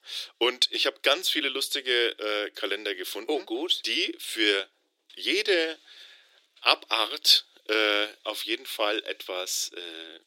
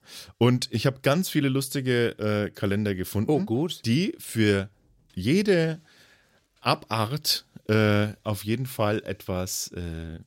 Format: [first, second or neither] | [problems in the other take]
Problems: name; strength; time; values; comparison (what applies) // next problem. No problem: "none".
second | thin; very; fading below 350 Hz